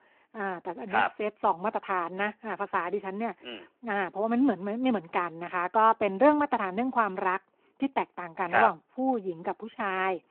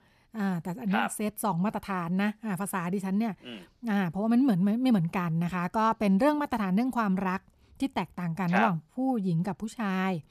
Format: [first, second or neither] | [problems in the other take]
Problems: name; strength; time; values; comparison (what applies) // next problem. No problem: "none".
second | phone-call audio